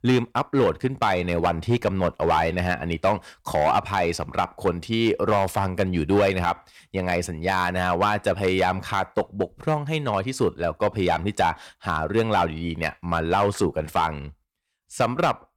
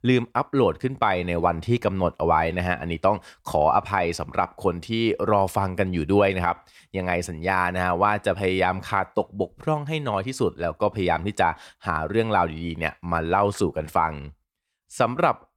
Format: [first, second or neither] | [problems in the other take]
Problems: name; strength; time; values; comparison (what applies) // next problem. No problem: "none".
second | distortion; slight; 4% of the sound clipped